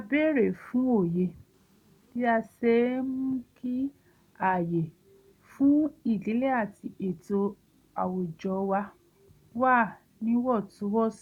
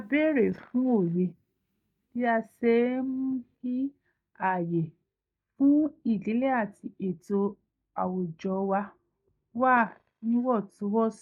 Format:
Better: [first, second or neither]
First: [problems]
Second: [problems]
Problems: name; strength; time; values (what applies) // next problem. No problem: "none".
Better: first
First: none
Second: noise reduction (neural mask model DeepFilterNet 3)